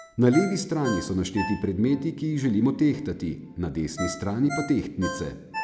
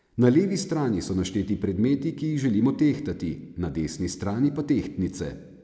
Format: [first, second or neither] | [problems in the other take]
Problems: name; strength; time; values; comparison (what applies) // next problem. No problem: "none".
second | background sound (Ringtone); 12 dB below the speech